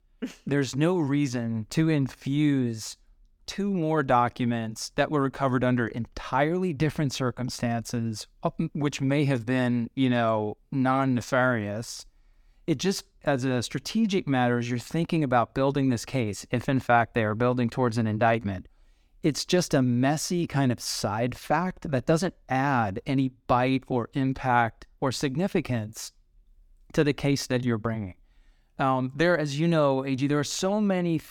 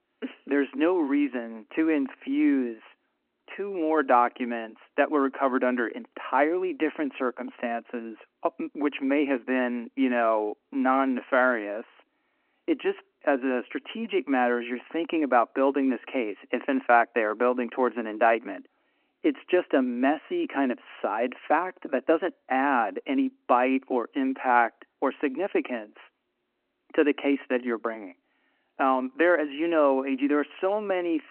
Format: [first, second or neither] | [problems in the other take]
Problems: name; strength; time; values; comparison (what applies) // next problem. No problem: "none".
first | phone-call audio